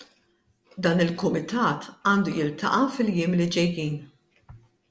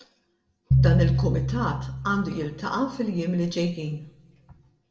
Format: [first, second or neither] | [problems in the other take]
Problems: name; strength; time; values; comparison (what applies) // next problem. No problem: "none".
first | background sound (Piano); 2 dB above the speech // room echo; dies away in 0.6 s